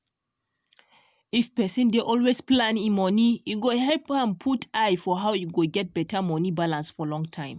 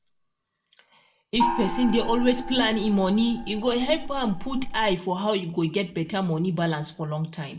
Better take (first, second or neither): first